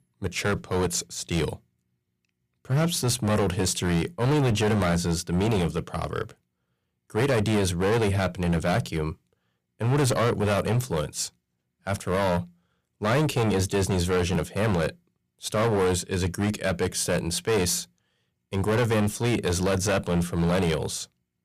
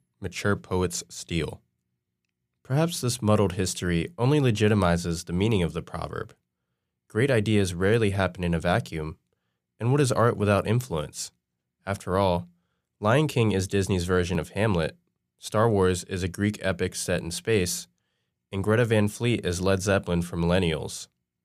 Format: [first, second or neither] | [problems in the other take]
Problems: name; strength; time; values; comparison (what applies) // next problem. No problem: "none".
second | distortion; heavy; 13% of the sound clipped